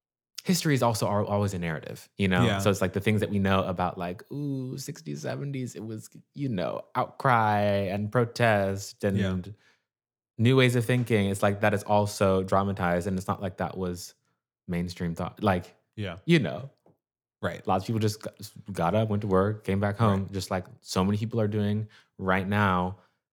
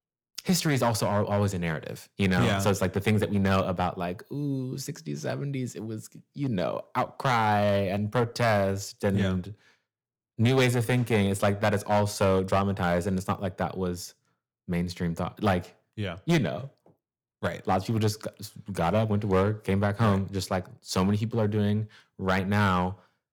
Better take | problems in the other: first | distortion; slight; 4% of the sound clipped

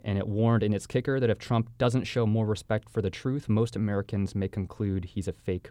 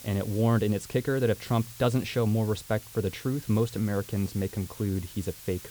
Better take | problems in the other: first | hiss; noticeable; throughout; 15 dB below the speech

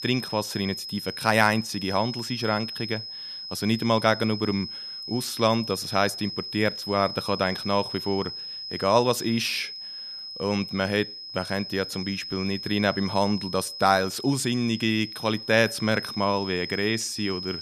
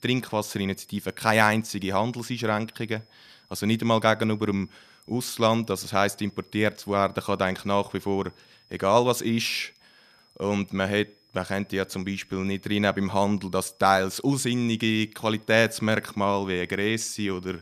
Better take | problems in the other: second | high-pitched whine; loud; throughout; 5 kHz, 8 dB below the speech; faint in the second

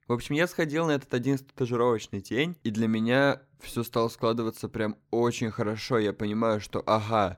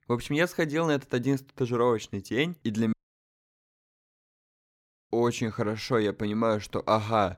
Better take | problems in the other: first | audio cutting out; at 3 s for 2 s

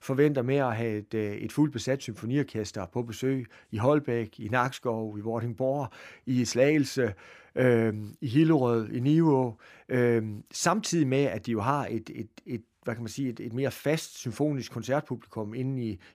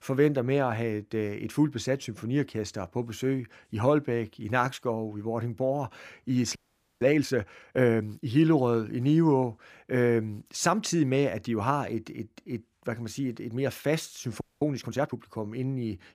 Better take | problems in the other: first | audio freezing; at 6.5 s and at 14 s

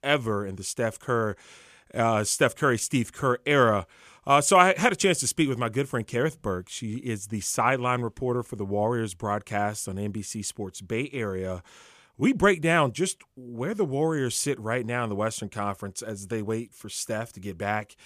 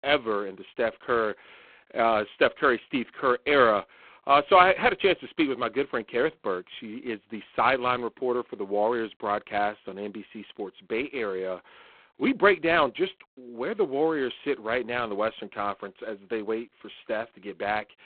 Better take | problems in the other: first | phone-call audio; poor line; nothing above 3.5 kHz

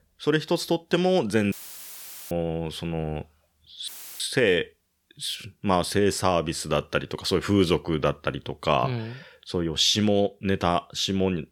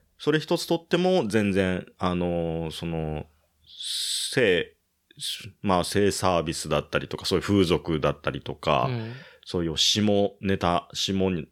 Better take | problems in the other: second | audio cutting out; filled with static; at 1.5 s for 1 s and at 4 s

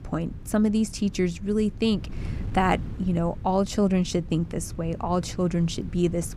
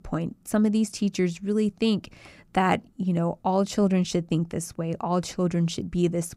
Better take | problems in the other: second | wind noise on the microphone; occasional gusts; 20 dB below the speech

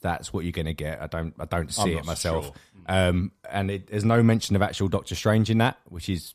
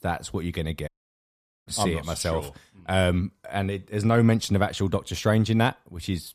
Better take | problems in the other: first | audio cutting out; at 1 s for 1 s

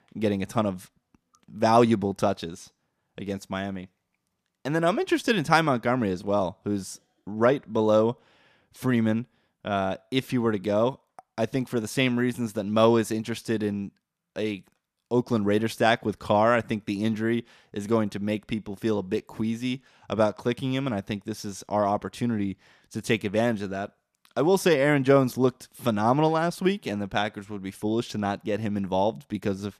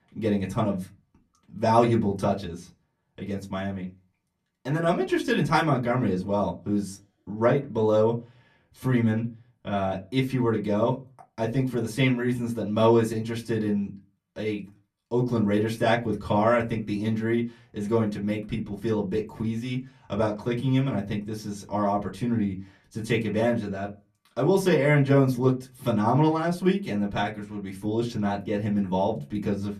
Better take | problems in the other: first | off-mic speech; far // room echo; very slight; dies away in 0.3 s

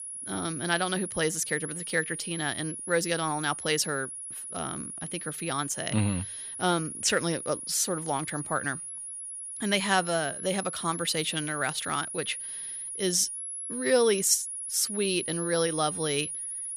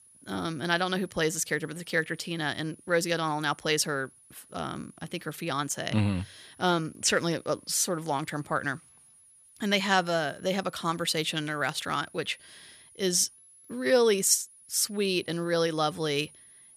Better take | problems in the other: second | high-pitched whine; loud; throughout; 10.5 kHz, 6 dB below the speech; faint in the second

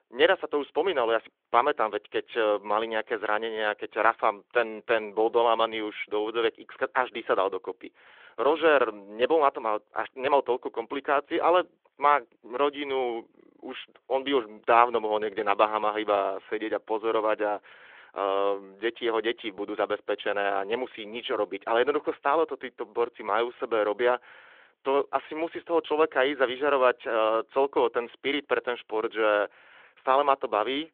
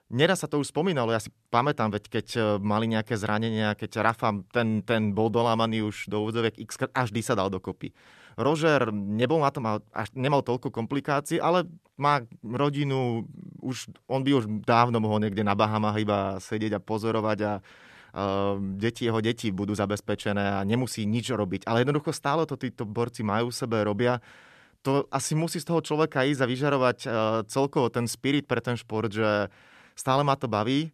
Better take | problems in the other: second | phone-call audio; nothing above 3.5 kHz

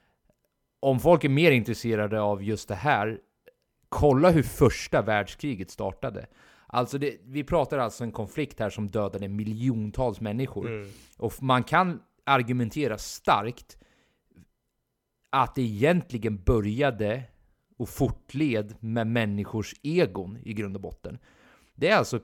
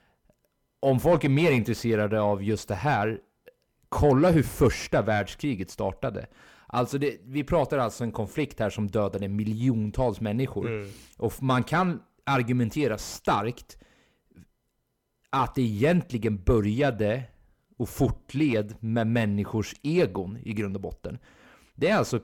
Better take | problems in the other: first | distortion; slight; 10 dB below the speech

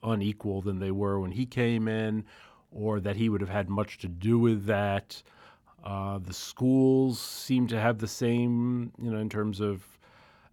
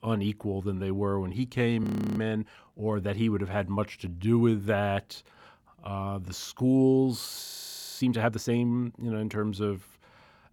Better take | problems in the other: first | audio freezing; at 2 s and at 7.5 s for 0.5 s

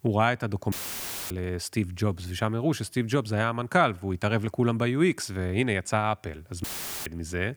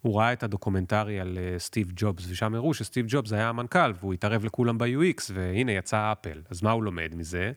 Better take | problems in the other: second | audio cutting out; filled with static; at 0.5 s for 0.5 s and at 6.5 s

